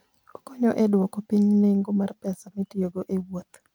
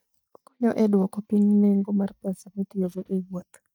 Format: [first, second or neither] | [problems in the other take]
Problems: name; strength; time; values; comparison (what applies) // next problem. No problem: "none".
first | noise reduction (neural mask model DeepFilterNet 3)